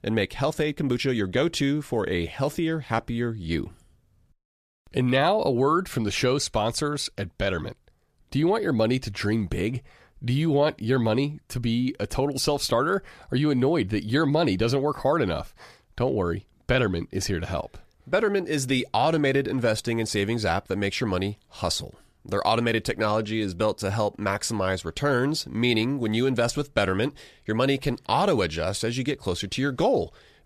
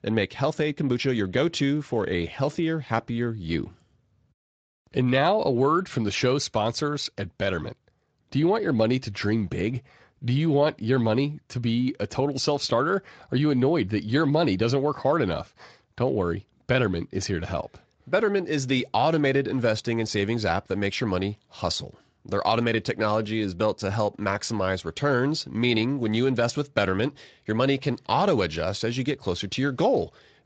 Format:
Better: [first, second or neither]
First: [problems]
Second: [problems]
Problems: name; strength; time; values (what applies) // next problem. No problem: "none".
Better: first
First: none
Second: garbled, watery; slightly; nothing above 7.5 kHz